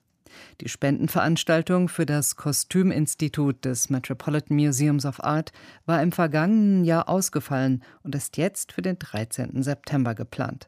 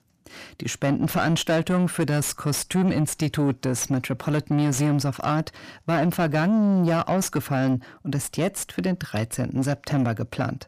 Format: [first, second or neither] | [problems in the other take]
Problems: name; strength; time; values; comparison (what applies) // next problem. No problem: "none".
first | distortion; slight; 10 dB below the speech